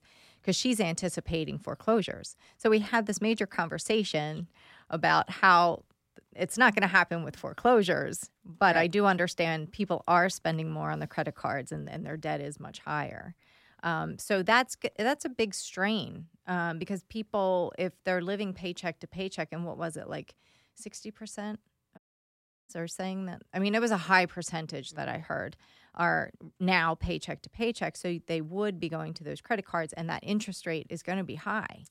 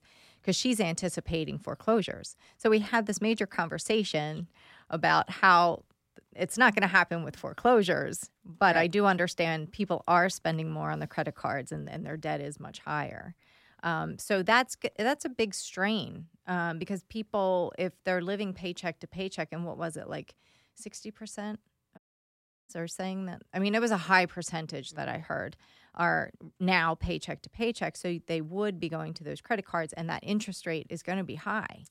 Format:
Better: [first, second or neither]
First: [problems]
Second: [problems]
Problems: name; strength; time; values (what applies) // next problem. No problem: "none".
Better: neither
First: audio cutting out; at 22 s for 0.5 s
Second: audio cutting out; at 22 s for 0.5 s